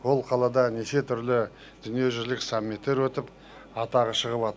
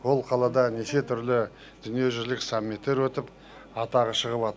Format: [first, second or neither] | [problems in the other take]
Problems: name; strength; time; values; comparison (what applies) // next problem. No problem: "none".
first | background sound (Guitar); 18 dB below the speech